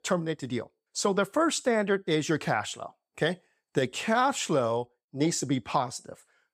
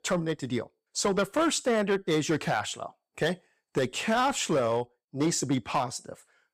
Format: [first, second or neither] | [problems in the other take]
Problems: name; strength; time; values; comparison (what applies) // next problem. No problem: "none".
first | distortion; slight; 5% of the sound clipped